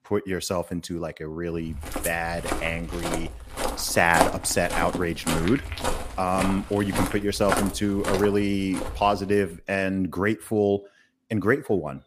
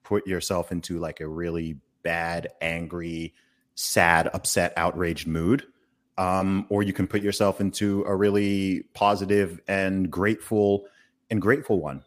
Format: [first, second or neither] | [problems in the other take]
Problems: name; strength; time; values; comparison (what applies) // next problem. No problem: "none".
second | footsteps; loud; from 1.5 to 9 s; peak 1 dB above the speech